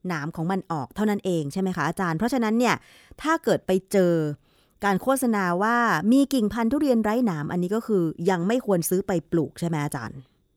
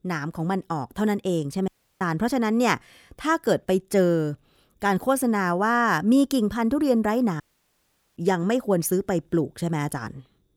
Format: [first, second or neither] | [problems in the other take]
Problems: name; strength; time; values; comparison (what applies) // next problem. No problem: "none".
first | audio cutting out; at 1.5 s and at 7.5 s for 1 s